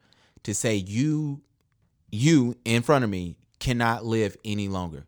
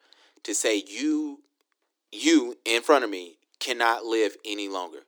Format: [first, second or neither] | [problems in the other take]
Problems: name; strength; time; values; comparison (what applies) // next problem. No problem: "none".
first | thin; somewhat; fading below 300 Hz